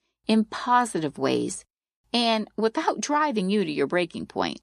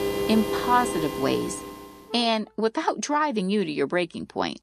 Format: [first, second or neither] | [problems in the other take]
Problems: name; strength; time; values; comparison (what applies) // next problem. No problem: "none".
first | background music; loud; until 1.5 s; 5 dB below the speech